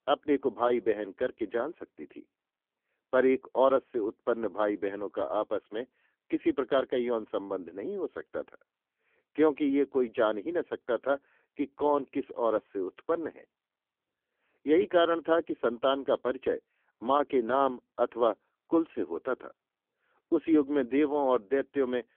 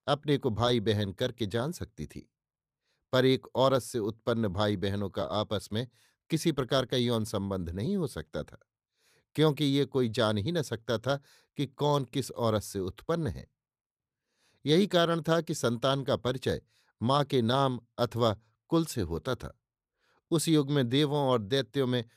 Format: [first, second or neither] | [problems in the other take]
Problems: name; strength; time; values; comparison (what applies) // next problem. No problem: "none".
second | phone-call audio; poor line; nothing above 3.5 kHz